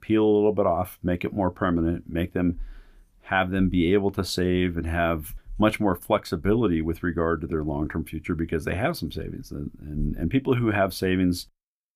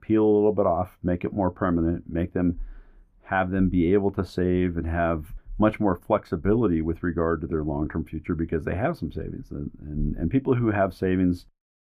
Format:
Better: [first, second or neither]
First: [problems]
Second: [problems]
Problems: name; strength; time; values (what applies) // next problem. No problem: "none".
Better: first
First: none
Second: muffled; very; fading above 2.5 kHz